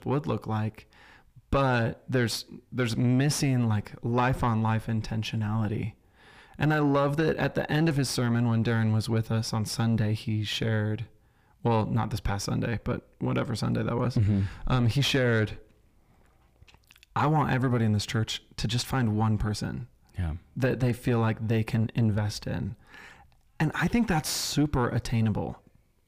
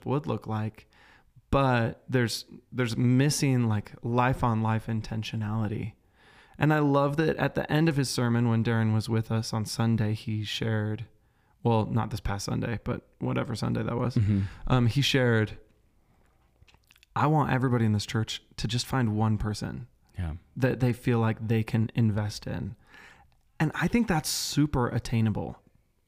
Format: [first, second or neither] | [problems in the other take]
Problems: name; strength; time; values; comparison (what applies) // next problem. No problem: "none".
second | distortion; slight; 10 dB below the speech